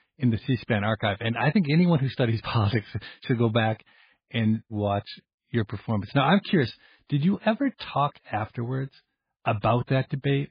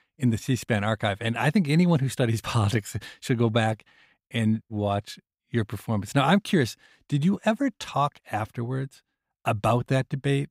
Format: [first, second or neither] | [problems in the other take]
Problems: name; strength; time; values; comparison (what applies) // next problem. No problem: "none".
second | garbled, watery; badly; nothing above 4 kHz